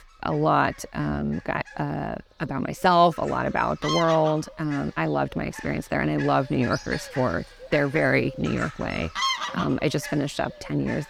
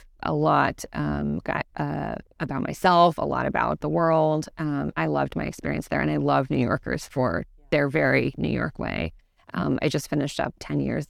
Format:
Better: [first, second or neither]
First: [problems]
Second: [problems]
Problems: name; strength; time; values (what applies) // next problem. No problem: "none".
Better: second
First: animal sounds; loud; throughout; 9 dB below the speech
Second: none